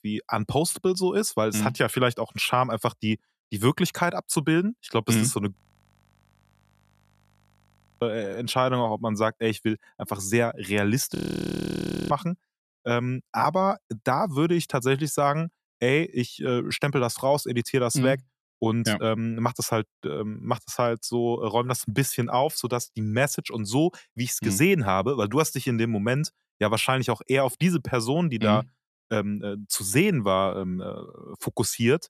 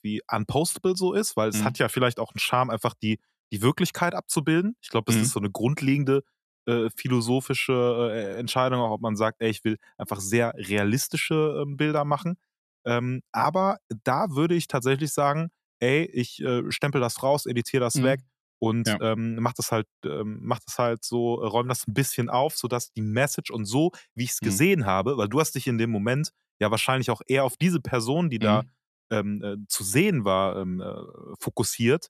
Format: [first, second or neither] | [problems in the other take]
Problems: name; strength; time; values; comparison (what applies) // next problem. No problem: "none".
second | audio freezing; at 5.5 s for 2.5 s and at 11 s for 1 s